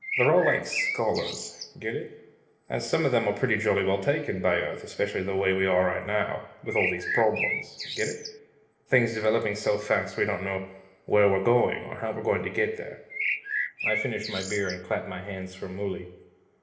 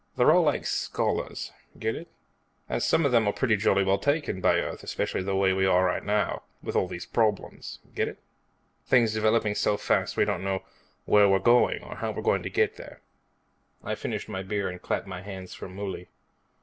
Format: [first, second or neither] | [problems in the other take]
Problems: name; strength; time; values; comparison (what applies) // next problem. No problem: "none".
second | background sound (Bird); 4 dB below the speech // room echo; dies away in 1 s